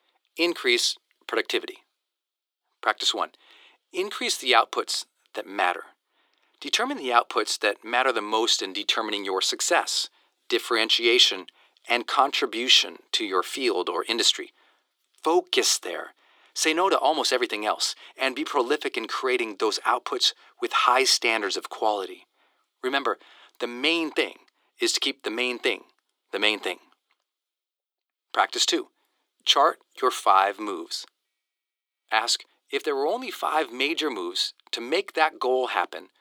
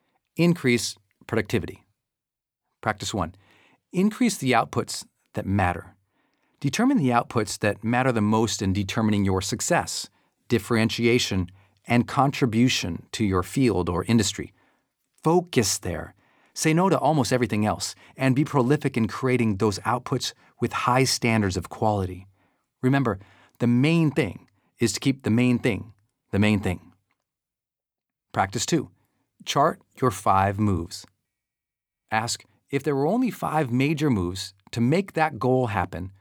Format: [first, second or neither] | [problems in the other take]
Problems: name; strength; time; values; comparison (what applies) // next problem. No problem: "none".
second | thin; very; fading below 350 Hz